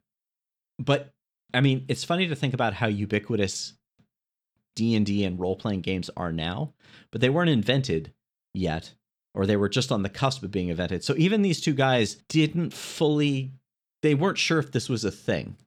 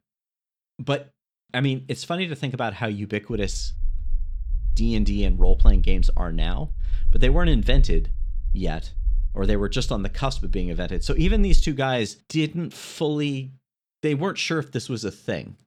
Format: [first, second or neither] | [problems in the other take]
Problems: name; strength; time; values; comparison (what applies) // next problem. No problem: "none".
first | low rumble; faint; from 3.5 to 12 s; 25 dB below the speech